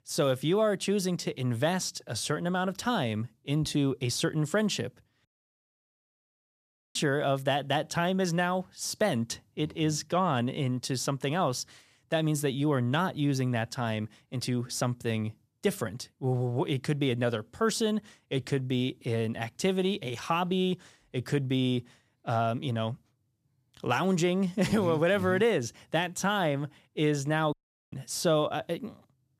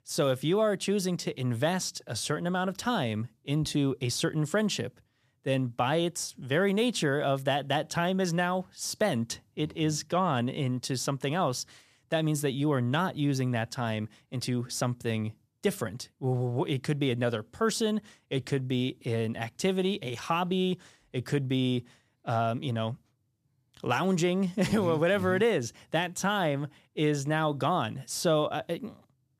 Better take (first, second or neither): second